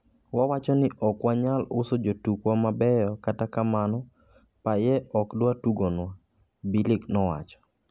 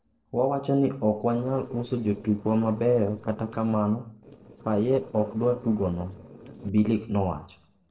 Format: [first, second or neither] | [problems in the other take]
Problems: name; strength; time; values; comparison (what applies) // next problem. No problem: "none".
first | noise reduction (neural separator model SepFormer DNS4)